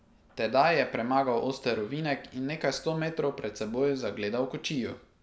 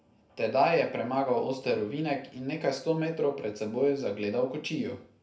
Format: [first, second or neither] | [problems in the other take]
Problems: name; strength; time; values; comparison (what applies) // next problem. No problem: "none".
first | room echo; dies away in 0.3 s